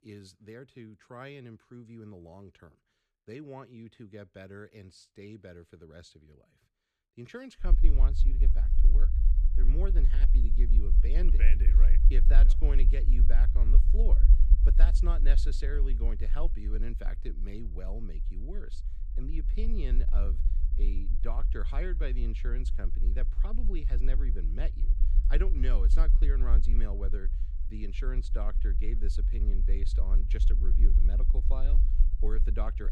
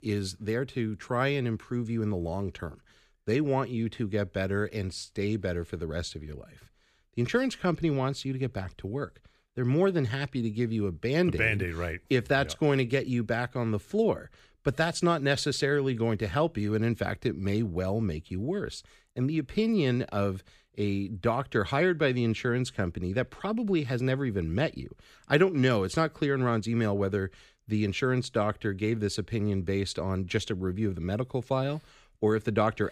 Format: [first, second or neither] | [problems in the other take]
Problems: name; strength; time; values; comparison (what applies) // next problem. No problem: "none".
second | low rumble; loud; from 7.5 s on; 7 dB below the speech